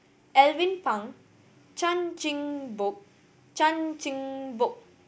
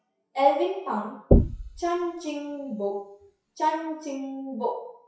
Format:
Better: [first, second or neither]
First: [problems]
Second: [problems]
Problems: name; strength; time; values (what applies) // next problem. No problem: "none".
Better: first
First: none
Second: noise reduction (classical method WPE with log-MMSE)